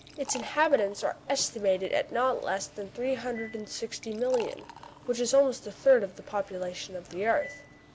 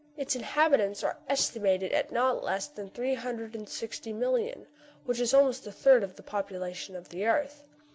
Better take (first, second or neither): second